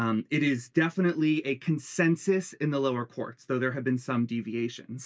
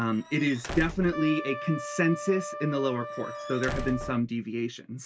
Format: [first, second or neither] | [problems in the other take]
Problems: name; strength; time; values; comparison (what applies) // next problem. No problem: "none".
first | background sound (Trumpet + Squeak / Slam / Wood); 9 dB below the speech